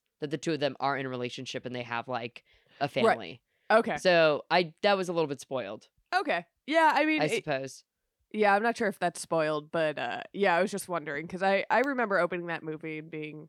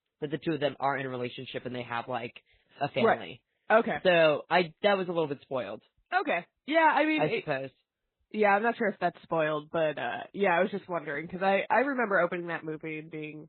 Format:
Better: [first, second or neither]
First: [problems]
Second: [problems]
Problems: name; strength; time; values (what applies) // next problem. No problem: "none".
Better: first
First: none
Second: garbled, watery; badly; nothing above 4 kHz